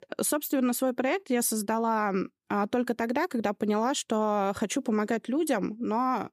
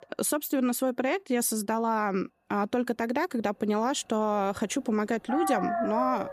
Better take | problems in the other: first | animal sounds; loud; throughout; 3 dB below the speech

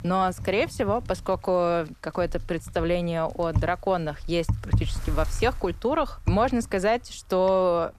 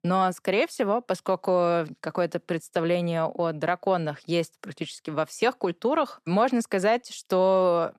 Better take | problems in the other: second | wind noise on the microphone; occasional gusts; 20 dB below the speech

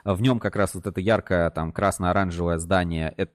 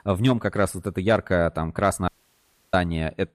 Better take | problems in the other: first | audio cutting out; at 2 s for 0.5 s

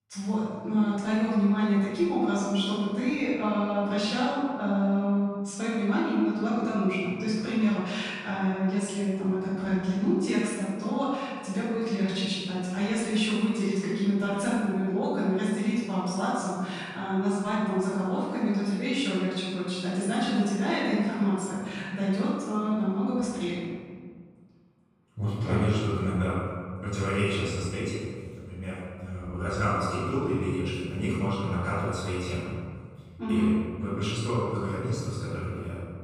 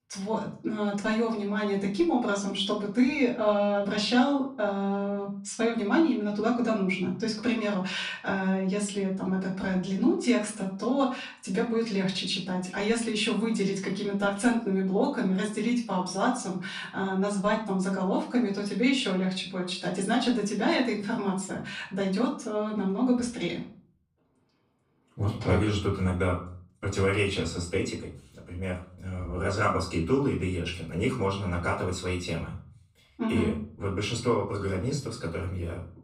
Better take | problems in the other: second | room echo; strong; dies away in 1.7 s; slight in the second // off-mic speech; far; far in the second

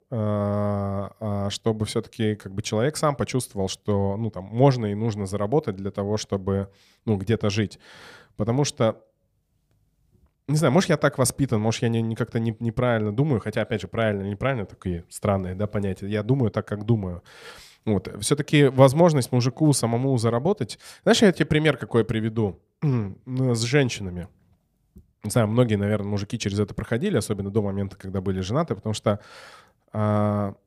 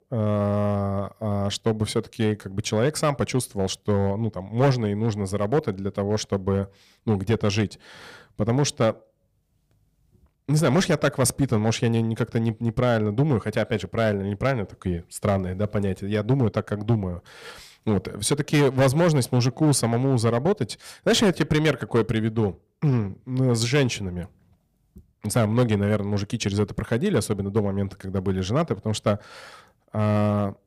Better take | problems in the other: first | distortion; slight; 4% of the sound clipped

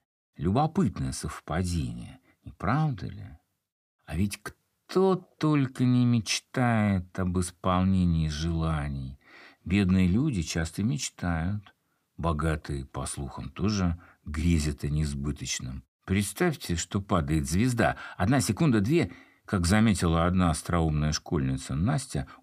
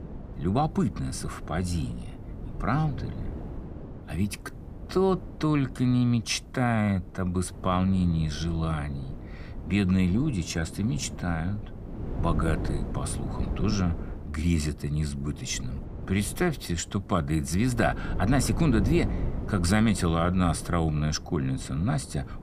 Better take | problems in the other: first | wind noise on the microphone; occasional gusts; 15 dB below the speech

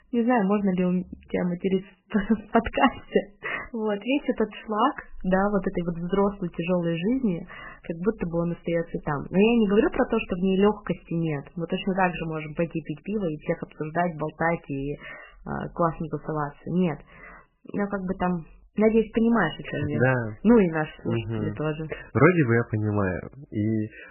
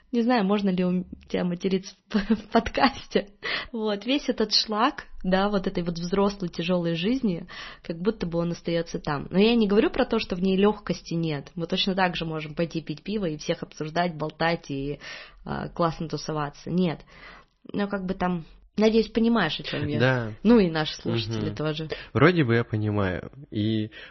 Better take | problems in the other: second | garbled, watery; badly; nothing above 3 kHz; slightly in the second

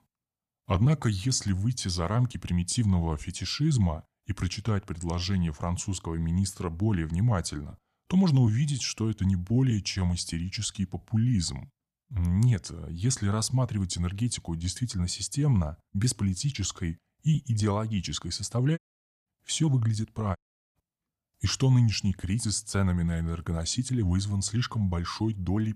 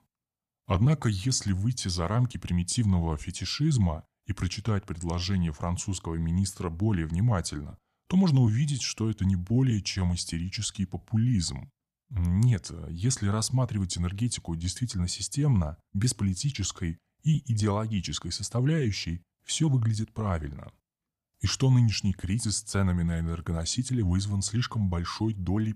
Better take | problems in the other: second | audio cutting out; at 19 s and at 20 s

